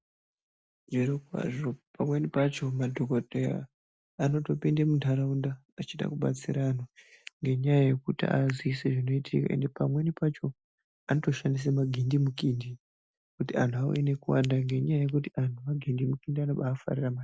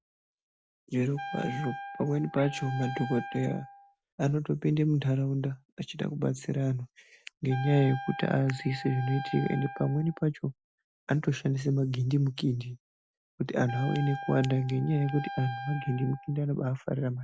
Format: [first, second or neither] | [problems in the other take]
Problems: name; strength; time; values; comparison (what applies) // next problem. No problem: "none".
first | background sound (Wind instrument, woodwind instrument); 11 dB below the speech